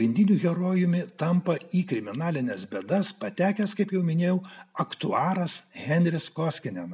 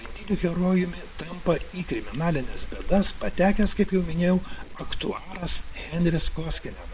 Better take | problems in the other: first | noise reduction (neural separator model SepFormer WHAM!)

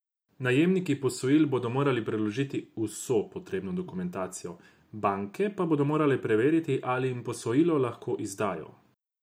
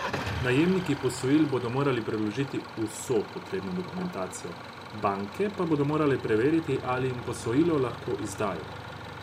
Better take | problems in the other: first | background sound (Idling / Engine starting); 11 dB below the speech

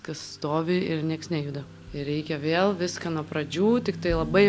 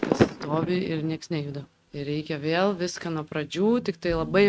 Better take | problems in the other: first | noise reduction (neural mask model RNNoise)

